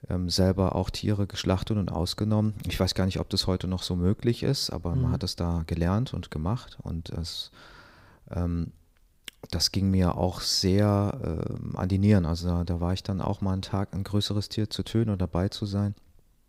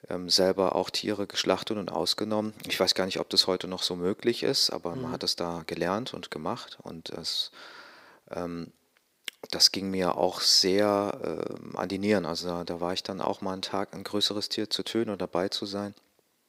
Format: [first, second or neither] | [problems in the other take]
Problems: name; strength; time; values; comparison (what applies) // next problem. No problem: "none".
first | thin; somewhat; fading below 400 Hz